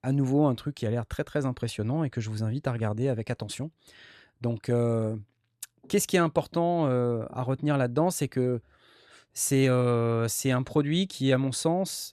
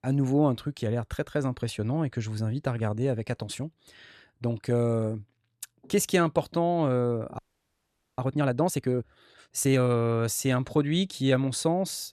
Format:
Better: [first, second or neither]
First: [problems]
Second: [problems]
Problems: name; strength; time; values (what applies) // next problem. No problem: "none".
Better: first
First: none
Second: audio freezing; at 7.5 s for 1 s